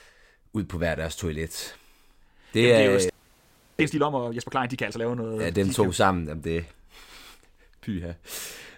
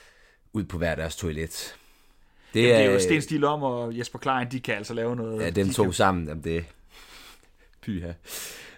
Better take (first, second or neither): second